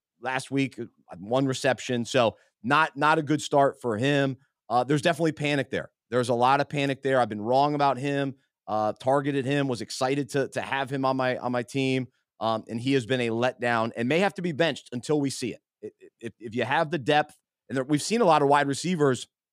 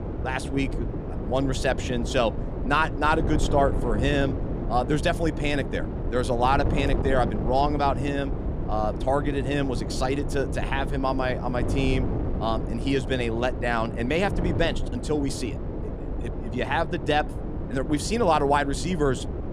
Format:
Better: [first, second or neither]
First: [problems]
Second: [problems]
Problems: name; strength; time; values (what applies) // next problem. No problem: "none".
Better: first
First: none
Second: wind noise on the microphone; occasional gusts; 10 dB below the speech